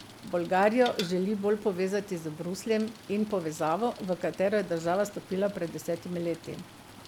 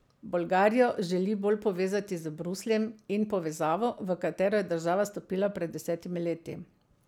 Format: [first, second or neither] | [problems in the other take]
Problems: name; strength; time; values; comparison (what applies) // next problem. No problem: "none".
second | background sound (Stream + Bicycle); 17 dB below the speech